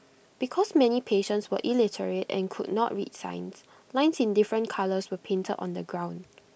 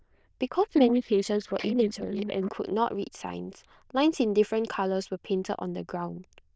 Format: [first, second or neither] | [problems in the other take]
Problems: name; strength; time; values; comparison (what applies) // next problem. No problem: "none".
first | noise reduction (neural diffusion model UNIVERSE++)